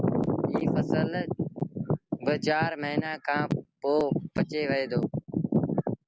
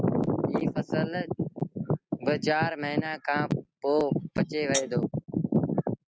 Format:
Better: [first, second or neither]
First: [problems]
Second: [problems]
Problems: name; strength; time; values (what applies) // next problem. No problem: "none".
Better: first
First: none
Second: noise reduction (neural mask model RNNoise)